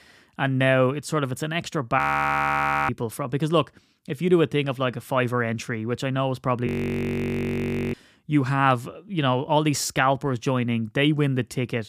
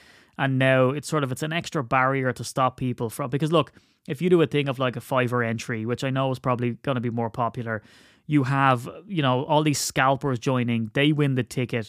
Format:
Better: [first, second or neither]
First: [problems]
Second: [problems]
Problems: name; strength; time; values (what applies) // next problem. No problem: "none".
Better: second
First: audio freezing; at 2 s for 1 s and at 6.5 s for 1.5 s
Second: none